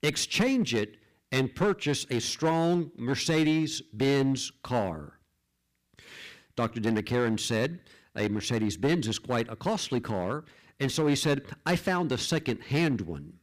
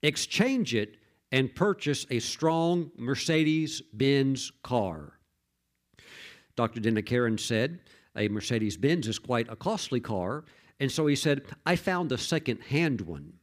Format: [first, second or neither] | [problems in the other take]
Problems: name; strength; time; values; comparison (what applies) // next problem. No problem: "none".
second | distortion; slight; 5% of the sound clipped